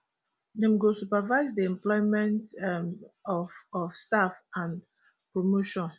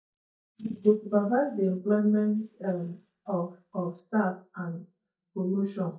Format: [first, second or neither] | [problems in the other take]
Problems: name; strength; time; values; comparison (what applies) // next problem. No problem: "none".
first | noise reduction (neural mask model DeepFilterNet 3)